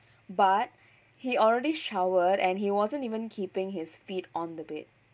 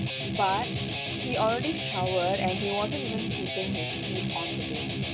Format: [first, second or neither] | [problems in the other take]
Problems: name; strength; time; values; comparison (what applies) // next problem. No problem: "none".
first | background sound (Guitar); as loud as the speech